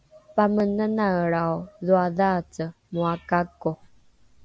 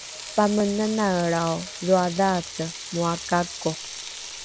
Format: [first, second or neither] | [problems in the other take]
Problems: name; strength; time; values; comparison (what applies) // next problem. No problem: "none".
first | background sound (Frying (food)); 12 dB below the speech